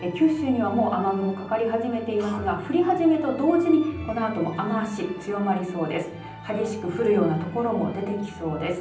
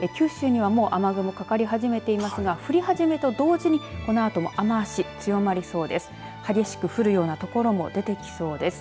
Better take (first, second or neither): second